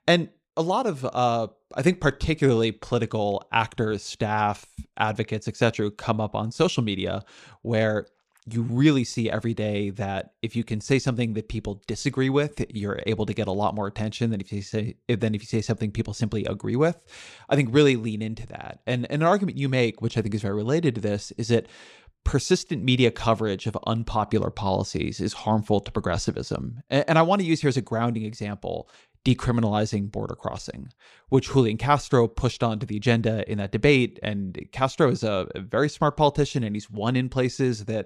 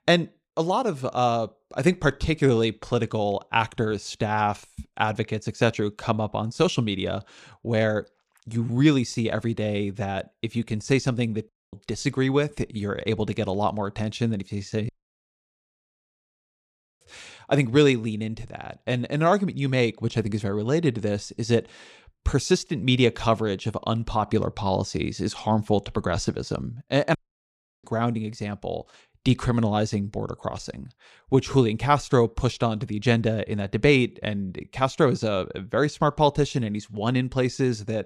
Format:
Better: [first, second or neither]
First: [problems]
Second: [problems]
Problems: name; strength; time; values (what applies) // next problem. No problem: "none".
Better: first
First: none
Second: audio cutting out; at 11 s, at 15 s for 2 s and at 27 s for 0.5 s